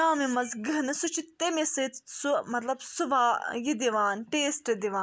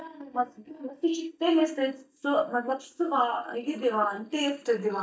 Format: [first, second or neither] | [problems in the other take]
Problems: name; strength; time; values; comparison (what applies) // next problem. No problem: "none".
first | noise reduction (neural mask model DeepFilterNet 3)